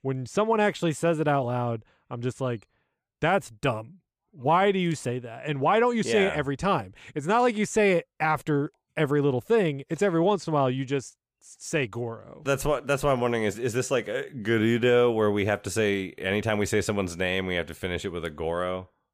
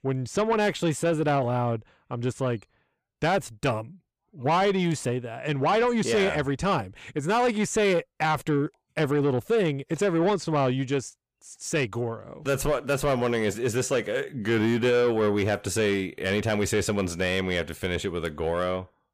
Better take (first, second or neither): first